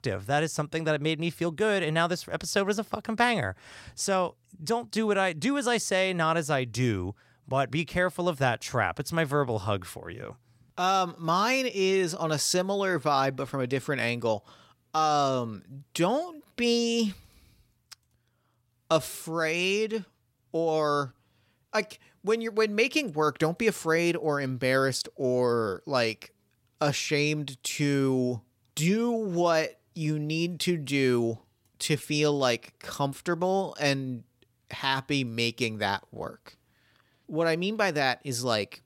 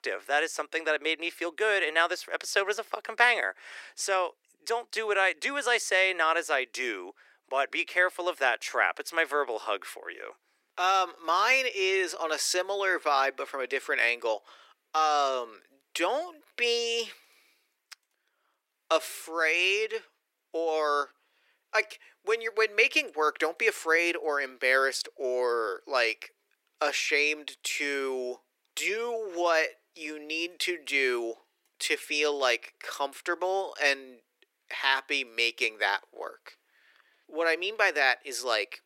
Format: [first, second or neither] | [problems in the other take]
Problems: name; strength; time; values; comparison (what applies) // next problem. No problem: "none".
first | thin; very; fading below 350 Hz